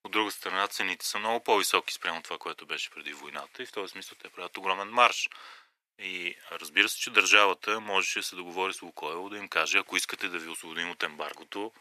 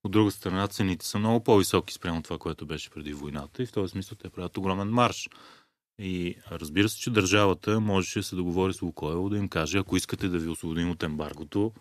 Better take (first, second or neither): second